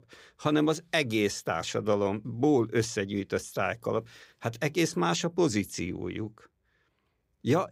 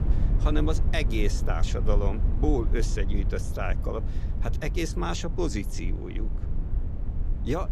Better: first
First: none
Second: low rumble; noticeable; throughout; 10 dB below the speech

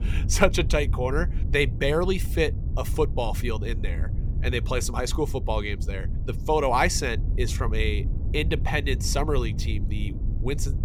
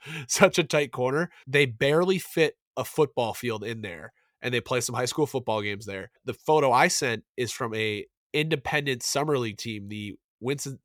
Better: second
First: wind noise on the microphone; occasional gusts; 20 dB below the speech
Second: none

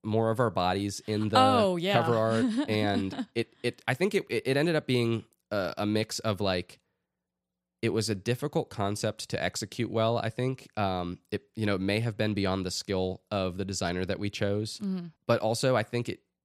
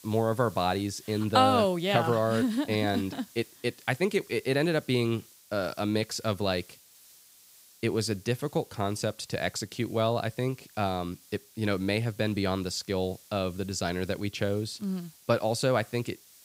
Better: first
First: none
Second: hiss; faint; throughout; 25 dB below the speech

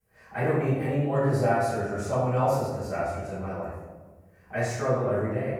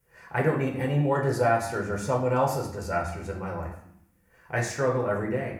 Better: second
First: room echo; strong; dies away in 1.2 s // off-mic speech; far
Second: room echo; slight; dies away in 0.6 s // off-mic speech; somewhat distant

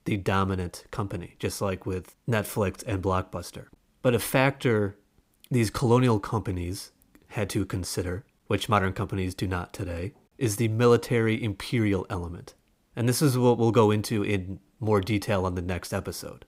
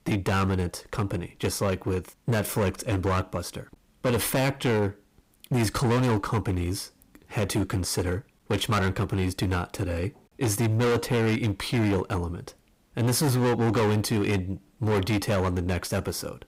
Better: first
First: none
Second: distortion; heavy; 15% of the sound clipped

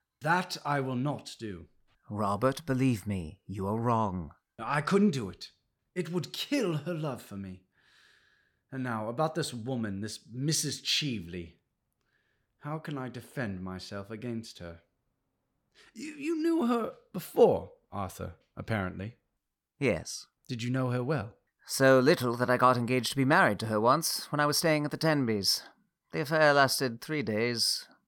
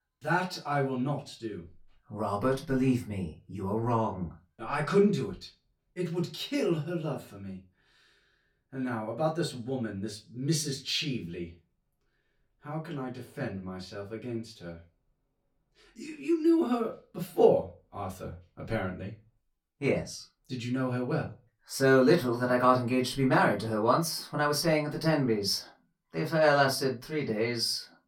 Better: first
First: none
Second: off-mic speech; far // room echo; very slight; dies away in 0.2 s

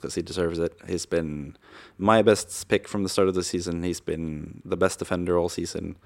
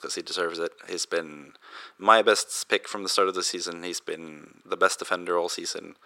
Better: first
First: none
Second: thin; very; fading below 500 Hz

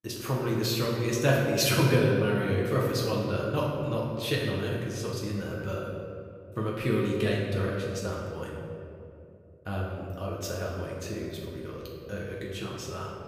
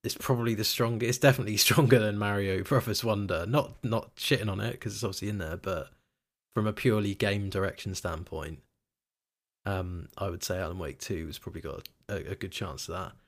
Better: second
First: room echo; noticeable; dies away in 2.1 s // off-mic speech; far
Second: none

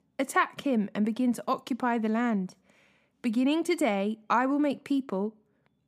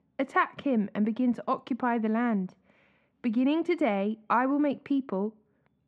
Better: first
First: none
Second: muffled; slightly; fading above 2.5 kHz

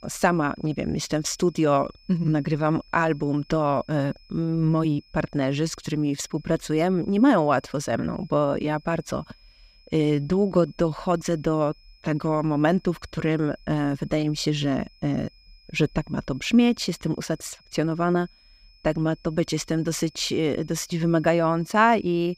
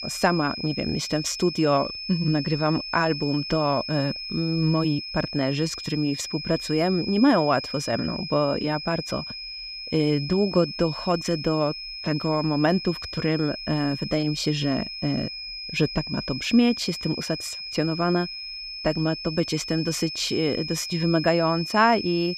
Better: first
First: high-pitched whine; faint; throughout; 5 kHz, 30 dB below the speech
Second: high-pitched whine; loud; throughout; 5 kHz, 7 dB below the speech

